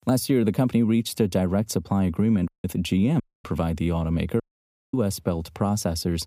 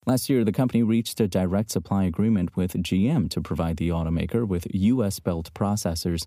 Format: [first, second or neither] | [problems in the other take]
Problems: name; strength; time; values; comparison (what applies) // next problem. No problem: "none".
second | audio cutting out; at 2.5 s, at 3 s and at 4.5 s for 0.5 s